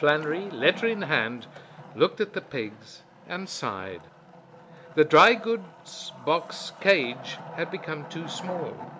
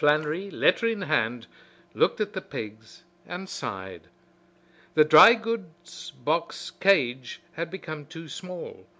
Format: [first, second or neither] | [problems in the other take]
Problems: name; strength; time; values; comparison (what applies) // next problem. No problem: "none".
second | background sound (Wood); 16 dB below the speech